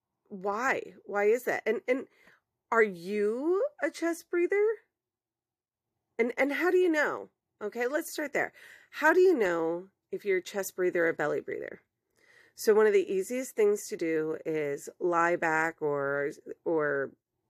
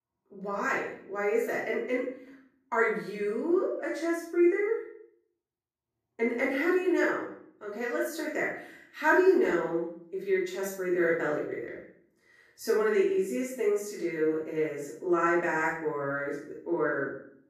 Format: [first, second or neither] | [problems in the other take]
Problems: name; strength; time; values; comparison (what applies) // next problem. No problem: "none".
first | room echo; noticeable; dies away in 0.5 s // off-mic speech; far